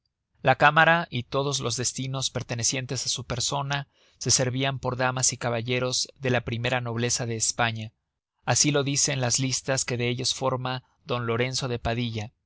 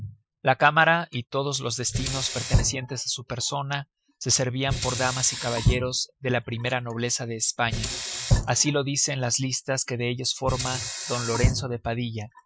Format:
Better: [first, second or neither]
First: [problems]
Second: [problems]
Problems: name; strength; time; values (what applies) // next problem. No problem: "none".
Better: first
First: none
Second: noise reduction (classical method Wiener filter)